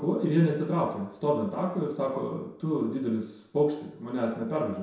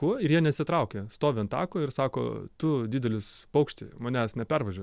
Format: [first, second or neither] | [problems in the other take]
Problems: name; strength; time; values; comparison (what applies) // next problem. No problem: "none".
second | room echo; dies away in 0.7 s